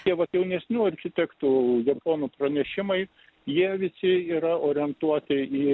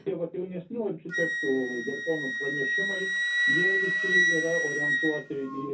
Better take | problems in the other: first | background sound (Wind instrument, woodwind instrument); 3 dB above the speech // room echo; dies away in 0.3 s

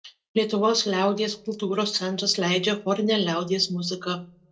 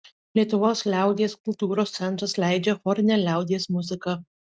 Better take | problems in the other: second | room echo; dies away in 0.1 s

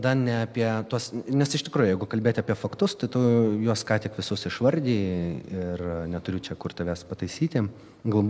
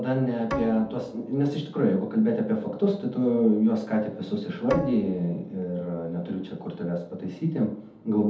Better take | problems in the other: first | background sound (Bowed string instrument); 13 dB below the speech // room echo; dies away in 0.6 s

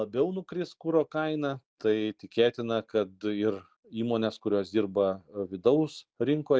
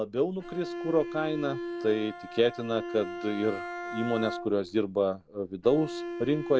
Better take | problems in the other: first | background sound (Bowed string instrument); 9 dB below the speech

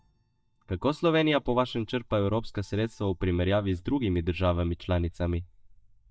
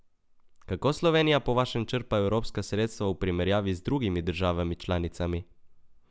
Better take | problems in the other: second | noise reduction (neural mask model DeepFilterNet 3)

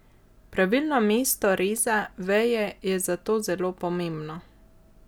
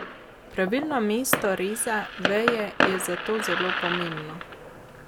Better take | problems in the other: first | background sound (Fireworks); 2 dB below the speech

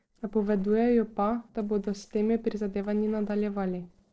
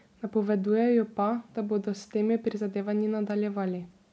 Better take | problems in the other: second | noise reduction (neural separator model SepFormer DNS4)

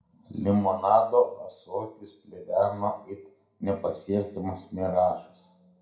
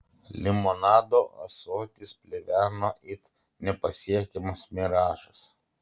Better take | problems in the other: second | room echo; dies away in 0.5 s

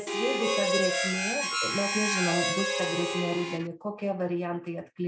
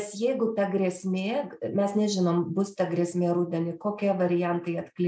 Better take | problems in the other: second | background sound (Harmonica); 2 dB above the speech

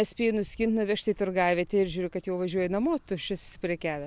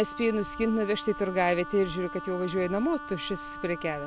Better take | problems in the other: first | background sound (Wind instrument, woodwind instrument); 12 dB below the speech

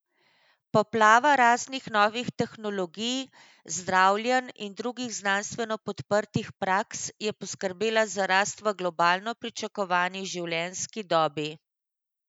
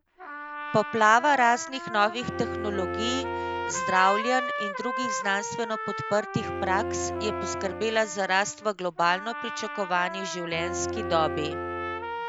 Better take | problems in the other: first | background sound (Trumpet + Bowed string instrument); 5 dB below the speech

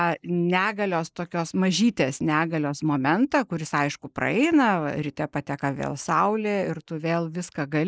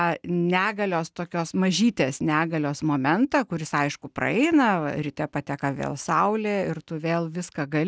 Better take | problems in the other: second | noise reduction (neural mask model Resemble Enhance denoiser)

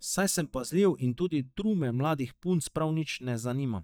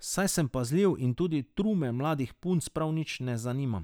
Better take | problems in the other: second | noise reduction (neural mask model DeepFilterNet 3)

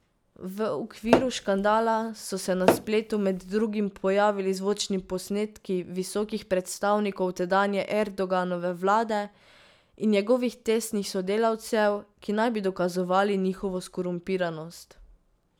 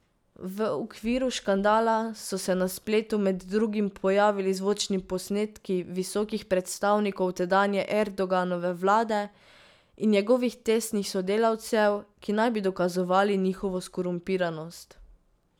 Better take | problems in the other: second | background sound (Tap / Hammer); 1 dB below the speech

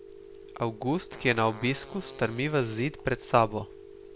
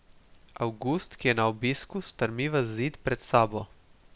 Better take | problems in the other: second | background sound (Telephone + Fart); 17 dB below the speech

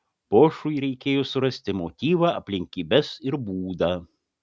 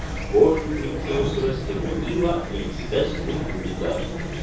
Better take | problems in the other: first | background sound (Chirp, tweet / Fowl); 3 dB below the speech // room echo; dies away in 0.6 s

